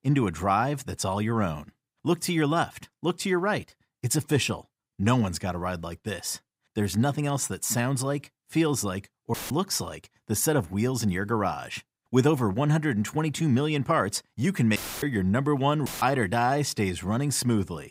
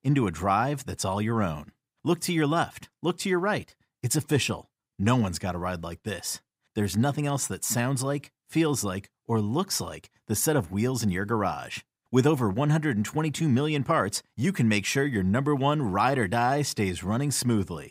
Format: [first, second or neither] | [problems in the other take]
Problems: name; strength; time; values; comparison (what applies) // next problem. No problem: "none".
second | audio cutting out; filled with static; at 9.5 s, at 15 s and at 16 s